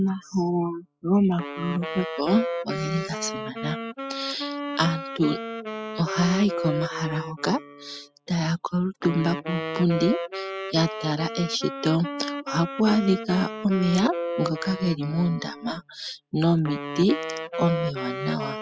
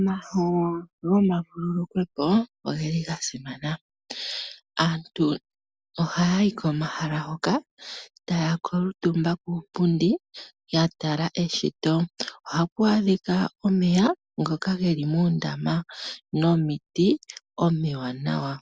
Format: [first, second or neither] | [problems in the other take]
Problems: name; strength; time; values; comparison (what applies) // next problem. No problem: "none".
second | noise reduction (classical method spectral subtraction)